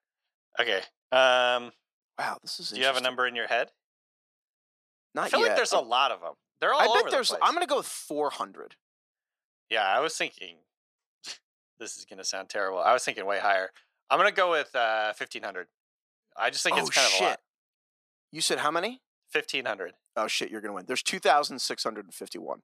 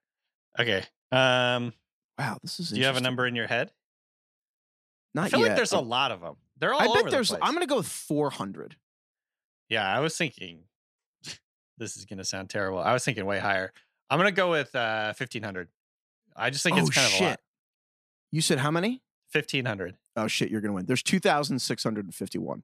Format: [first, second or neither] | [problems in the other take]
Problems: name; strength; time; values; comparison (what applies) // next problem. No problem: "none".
second | thin; very; fading below 450 Hz